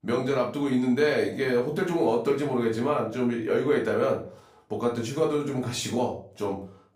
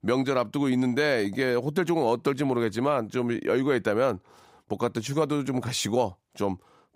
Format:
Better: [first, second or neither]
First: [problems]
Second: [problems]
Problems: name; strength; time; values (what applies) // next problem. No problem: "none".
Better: second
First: off-mic speech; far // room echo; slight; dies away in 0.4 s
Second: none